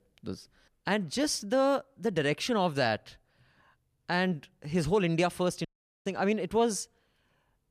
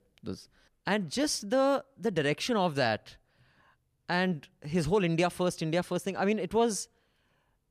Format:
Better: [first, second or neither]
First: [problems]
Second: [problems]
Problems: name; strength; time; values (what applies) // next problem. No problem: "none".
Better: second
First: audio cutting out; at 5.5 s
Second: none